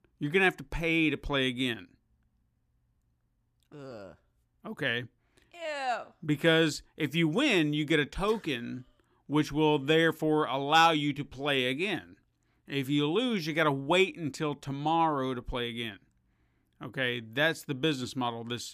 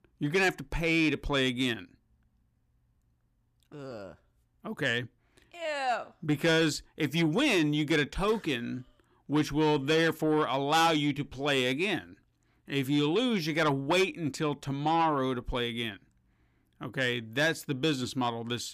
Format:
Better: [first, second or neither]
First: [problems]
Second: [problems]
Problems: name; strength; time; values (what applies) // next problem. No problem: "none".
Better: first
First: none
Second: distortion; slight; 10 dB below the speech